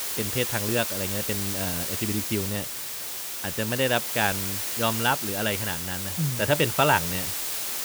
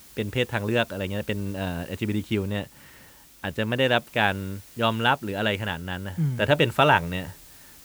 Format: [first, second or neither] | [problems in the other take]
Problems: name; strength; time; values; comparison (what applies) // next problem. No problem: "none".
second | hiss; loud; throughout; 1 dB below the speech; faint in the second